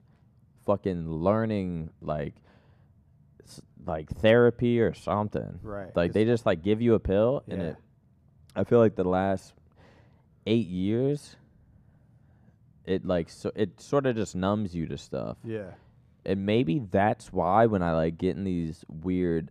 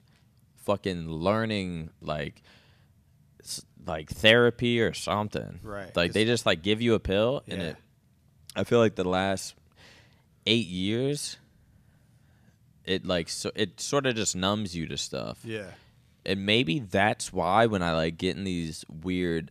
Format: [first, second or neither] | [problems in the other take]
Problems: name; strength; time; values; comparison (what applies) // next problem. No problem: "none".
second | muffled; very; fading above 2 kHz